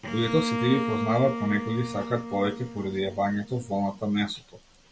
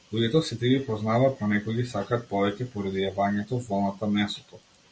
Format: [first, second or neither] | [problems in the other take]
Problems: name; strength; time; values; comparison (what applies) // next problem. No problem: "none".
second | background sound (Bowed string instrument); 6 dB below the speech